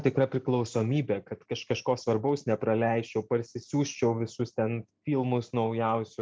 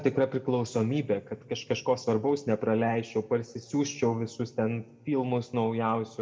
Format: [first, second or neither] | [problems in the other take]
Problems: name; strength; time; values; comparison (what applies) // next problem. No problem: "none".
first | room echo; dies away in 2.1 s